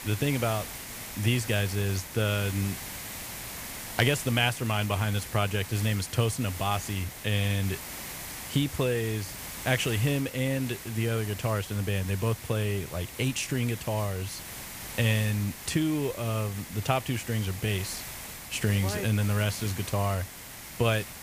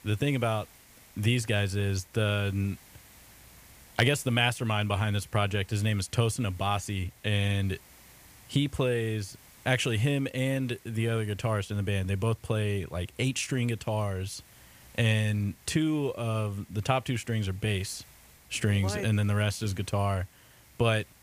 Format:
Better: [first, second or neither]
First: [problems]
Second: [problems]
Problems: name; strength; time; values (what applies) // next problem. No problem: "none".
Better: second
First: hiss; loud; throughout; 10 dB below the speech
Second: hiss; faint; throughout; 25 dB below the speech